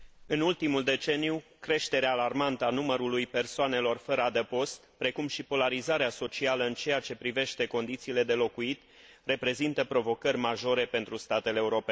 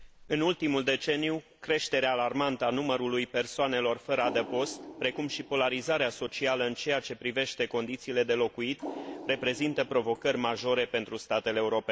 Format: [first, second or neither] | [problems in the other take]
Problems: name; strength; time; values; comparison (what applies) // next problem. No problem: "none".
first | background sound (Water); 15 dB below the speech